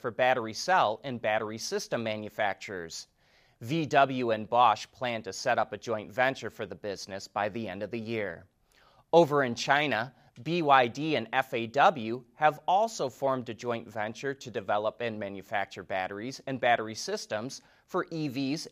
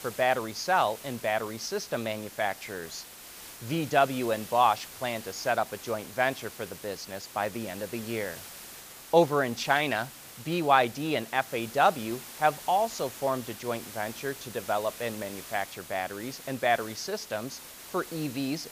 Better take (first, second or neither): first